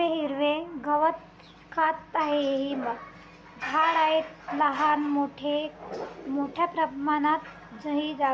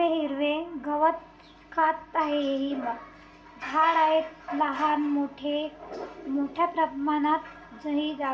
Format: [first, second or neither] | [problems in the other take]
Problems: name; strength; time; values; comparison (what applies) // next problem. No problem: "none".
first | room echo; dies away in 0.4 s